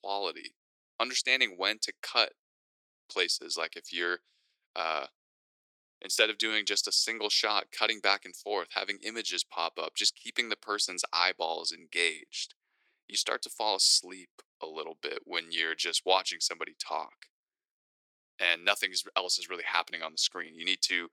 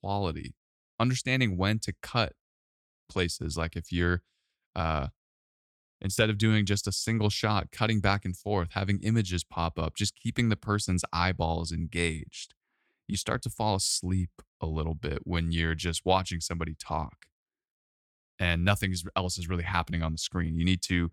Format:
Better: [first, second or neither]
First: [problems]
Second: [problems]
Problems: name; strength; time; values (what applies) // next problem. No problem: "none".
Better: second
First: thin; very; fading below 350 Hz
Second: none